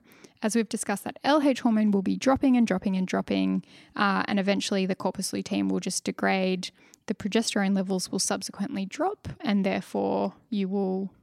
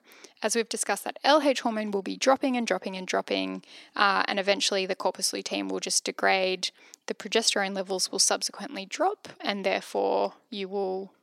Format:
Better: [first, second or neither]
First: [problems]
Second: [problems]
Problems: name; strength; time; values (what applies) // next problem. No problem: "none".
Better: first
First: none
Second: thin; somewhat; fading below 450 Hz